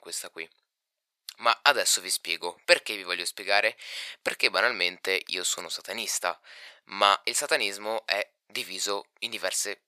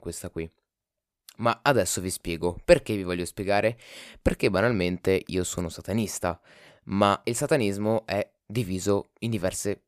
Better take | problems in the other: second | thin; very; fading below 850 Hz

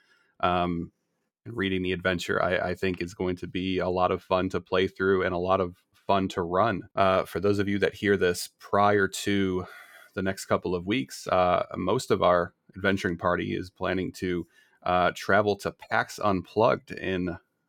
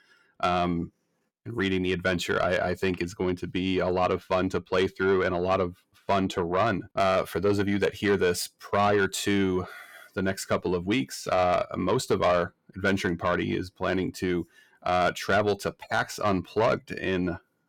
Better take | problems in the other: first | distortion; slight; 10 dB below the speech

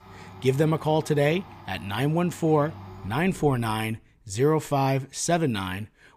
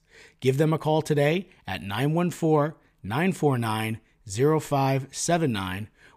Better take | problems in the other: second | household noises; faint; until 4 s; 20 dB below the speech

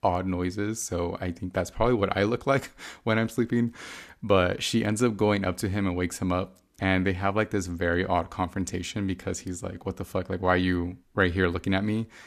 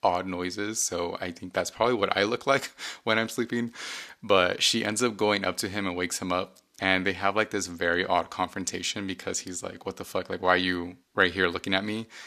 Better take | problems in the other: first | thin; very slightly; fading below 500 Hz

